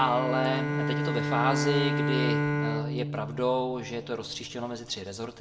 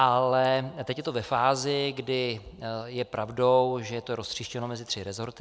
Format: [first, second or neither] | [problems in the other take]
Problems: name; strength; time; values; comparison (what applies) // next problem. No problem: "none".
second | background sound (Bowed string instrument); as loud as the speech // room echo; dies away in 0.8 s